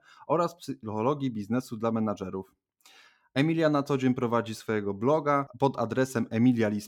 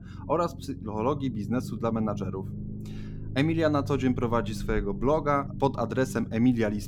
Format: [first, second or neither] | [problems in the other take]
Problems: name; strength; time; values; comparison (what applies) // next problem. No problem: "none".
first | low rumble; noticeable; throughout; 20 dB below the speech